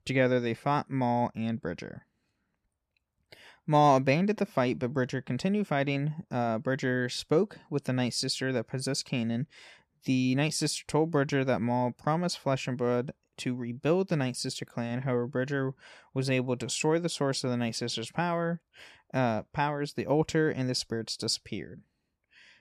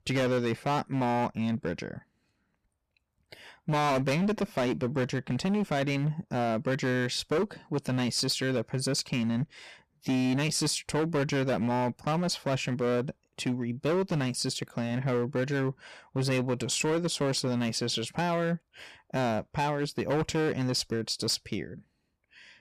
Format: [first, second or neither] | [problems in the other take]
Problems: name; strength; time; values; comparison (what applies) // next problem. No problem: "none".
first | distortion; heavy; 13% of the sound clipped